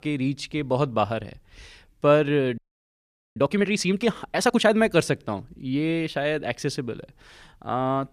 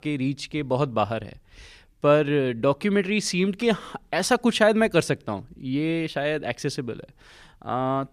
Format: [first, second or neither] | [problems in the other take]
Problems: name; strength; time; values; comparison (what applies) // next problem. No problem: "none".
second | audio freezing; at 2.5 s for 1 s